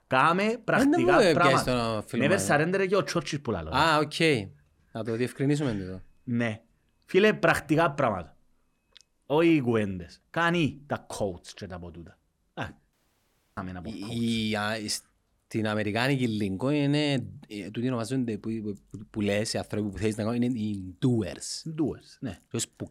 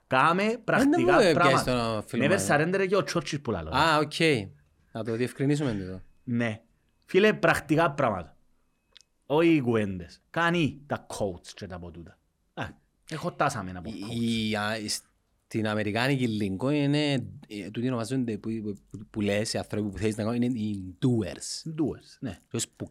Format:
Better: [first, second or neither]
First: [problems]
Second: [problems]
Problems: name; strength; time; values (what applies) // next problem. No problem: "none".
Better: second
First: audio cutting out; at 13 s for 0.5 s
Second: none